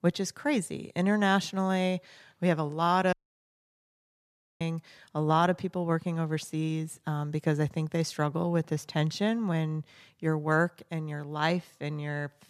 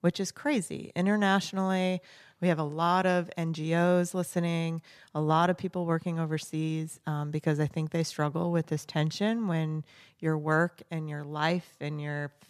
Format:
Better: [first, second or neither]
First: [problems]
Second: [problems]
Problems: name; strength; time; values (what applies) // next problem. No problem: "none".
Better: second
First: audio cutting out; at 3 s for 1.5 s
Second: none